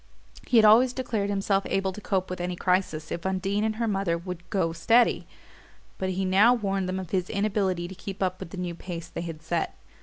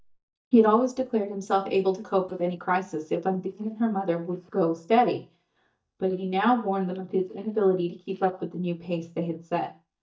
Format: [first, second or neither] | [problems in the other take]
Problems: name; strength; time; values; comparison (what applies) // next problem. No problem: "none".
first | noise reduction (neural mask model DeepFilterNet 3)